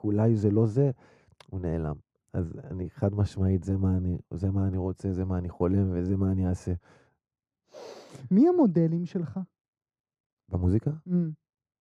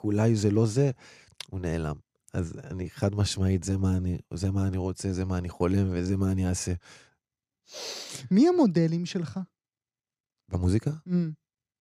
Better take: second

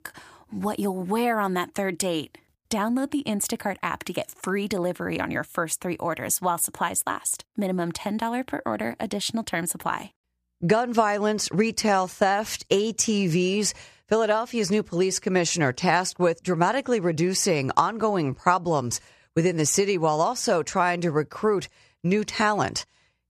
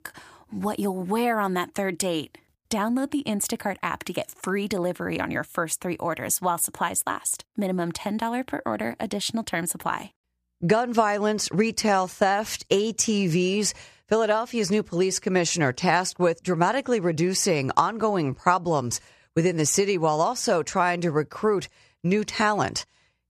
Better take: neither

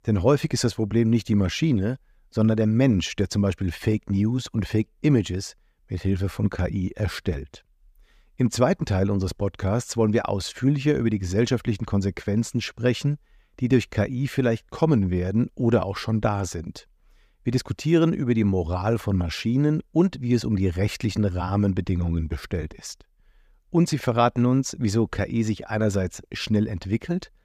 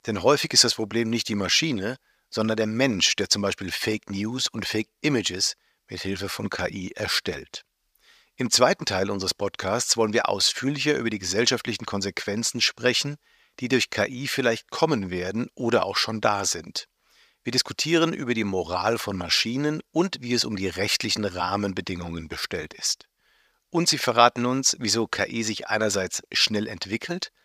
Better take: first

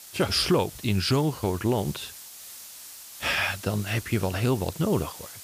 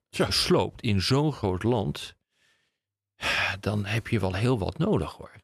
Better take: second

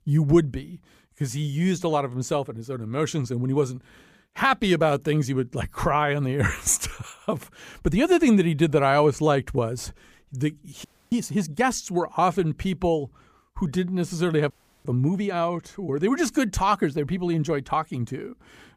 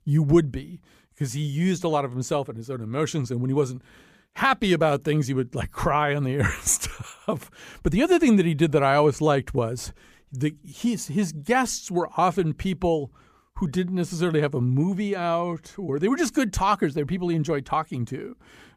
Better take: second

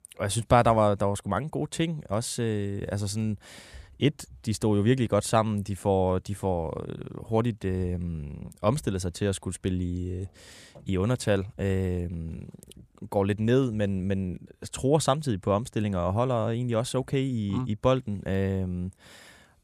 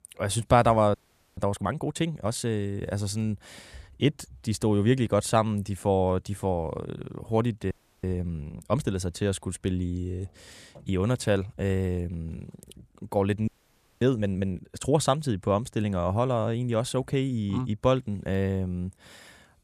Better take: first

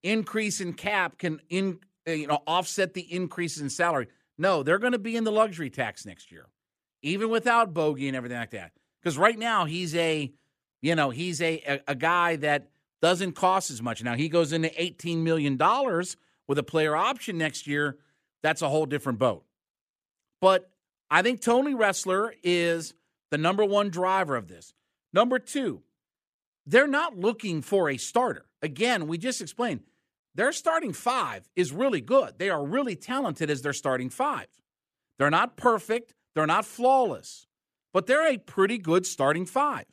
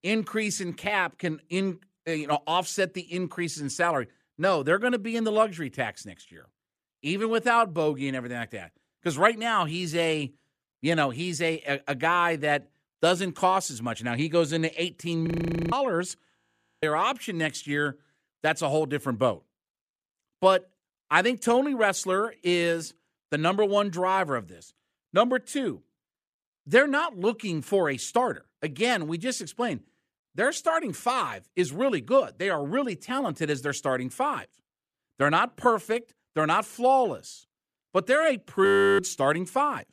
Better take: first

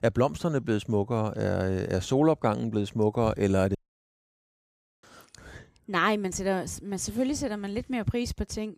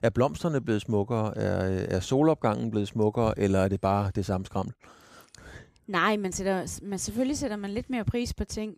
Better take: second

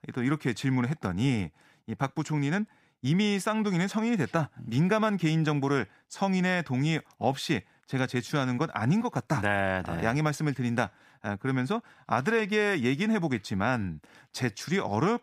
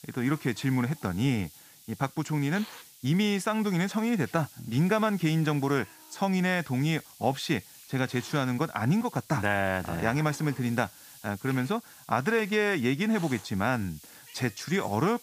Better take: first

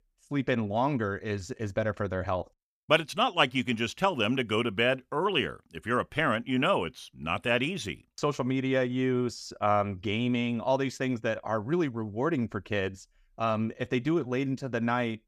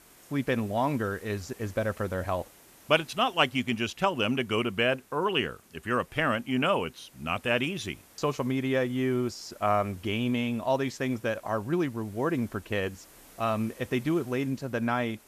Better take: first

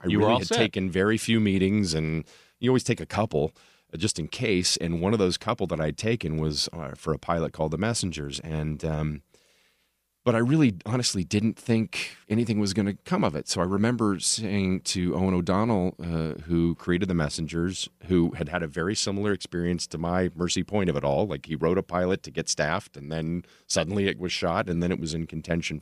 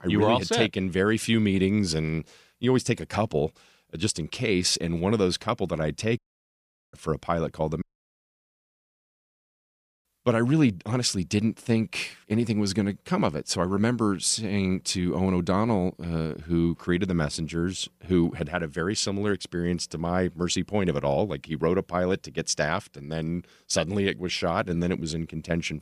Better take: first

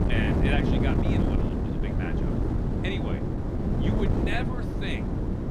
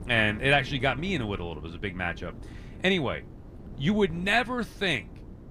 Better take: second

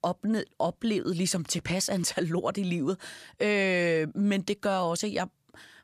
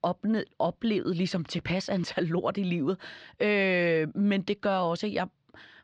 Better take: first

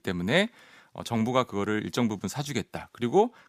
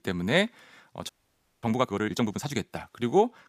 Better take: first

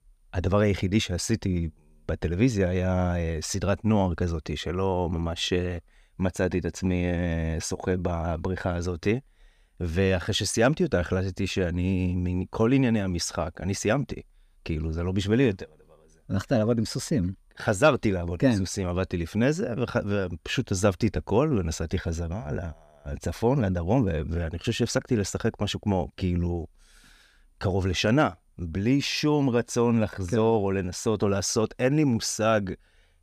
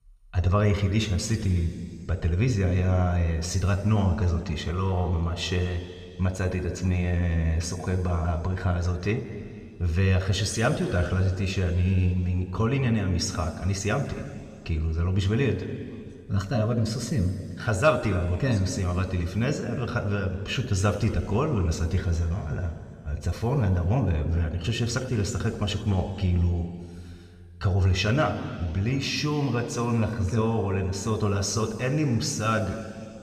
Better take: first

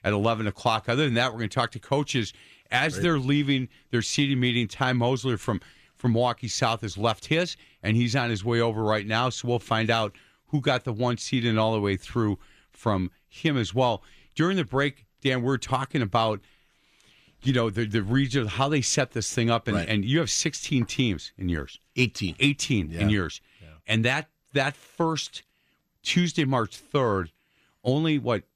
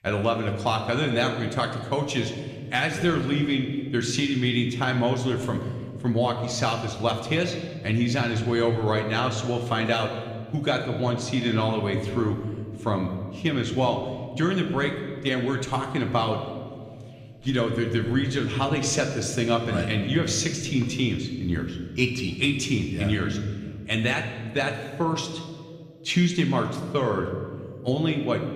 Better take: first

